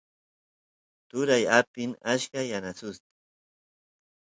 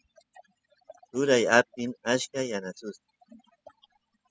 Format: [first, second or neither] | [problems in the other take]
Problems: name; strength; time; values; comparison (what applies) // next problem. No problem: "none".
first | noise reduction (classical method spectral subtraction)